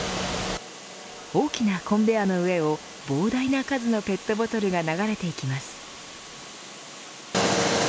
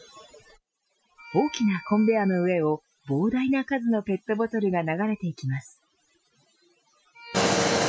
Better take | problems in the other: first | noise reduction (classical method Wiener filter)

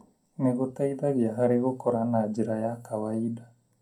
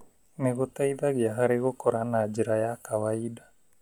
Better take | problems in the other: second | room echo; dies away in 0.2 s

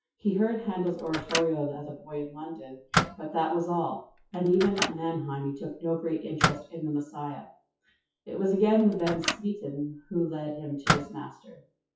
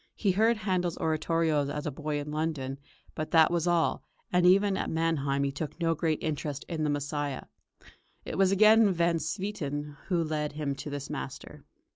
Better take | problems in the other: second | noise reduction (classical method WPE with log-MMSE)

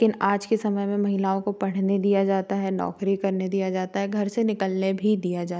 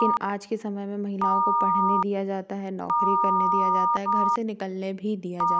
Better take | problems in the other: first | background sound (Telephone); 5 dB above the speech

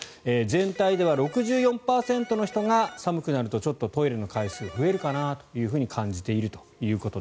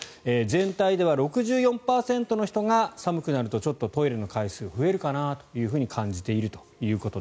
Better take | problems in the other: second | background sound (Electric guitar); 17 dB below the speech

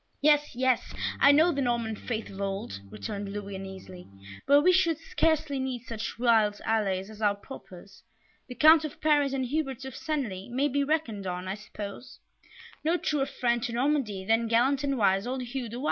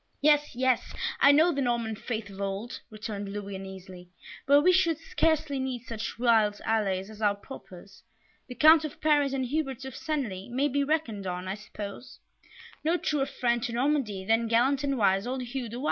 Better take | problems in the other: second | background sound (Organ); 17 dB below the speech

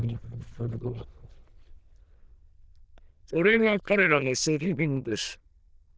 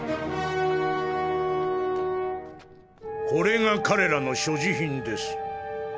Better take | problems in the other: second | noise reduction (neural diffusion model UNIVERSE++)

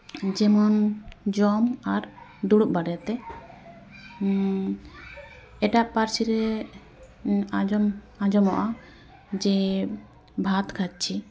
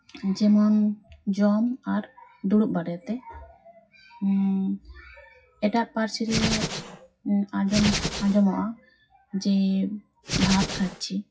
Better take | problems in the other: first | noise reduction (classical method WPE with log-MMSE)

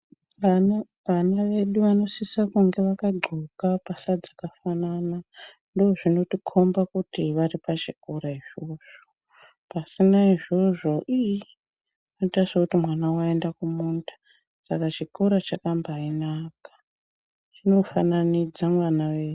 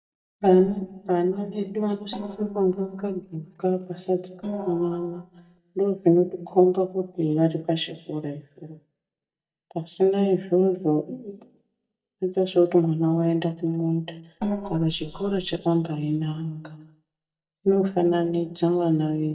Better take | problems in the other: first | noise reduction (neural mask model DeepFilterNet 3)

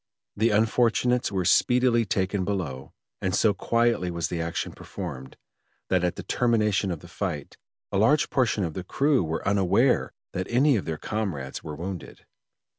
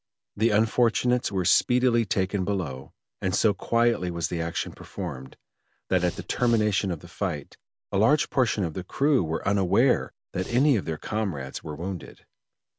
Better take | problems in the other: first | background sound (Breathing); 15 dB below the speech

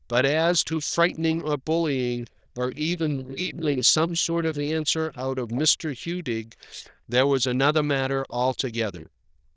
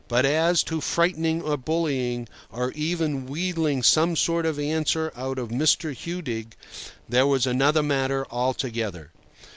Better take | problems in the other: second | noise reduction (neural diffusion model UNIVERSE++)

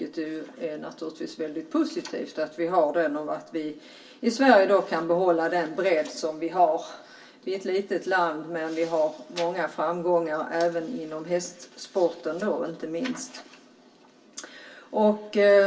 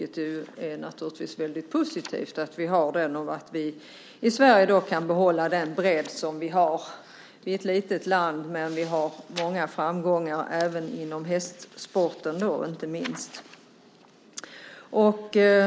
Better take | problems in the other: second | room echo; dies away in 0.2 s

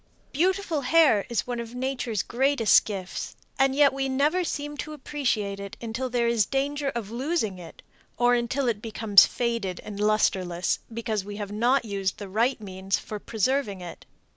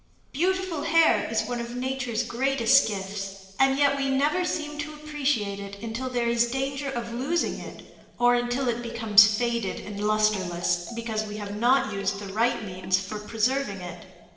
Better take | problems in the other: first | background sound (Marimba, xylophone); 18 dB below the speech // room echo; dies away in 1.3 s

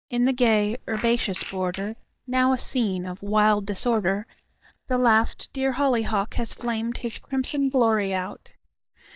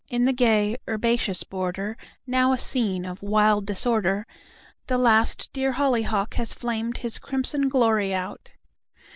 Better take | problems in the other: second | noise reduction (neural mask model DeepFilterNet 3)

